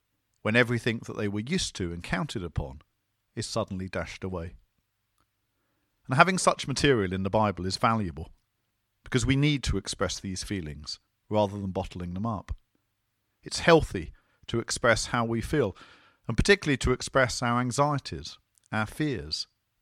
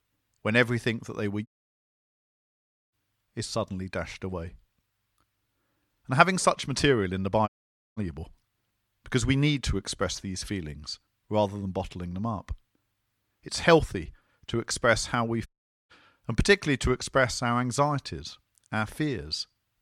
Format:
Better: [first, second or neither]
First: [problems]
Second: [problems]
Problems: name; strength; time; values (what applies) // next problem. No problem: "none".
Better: first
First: none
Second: audio cutting out; at 1.5 s for 1.5 s, at 7.5 s and at 15 s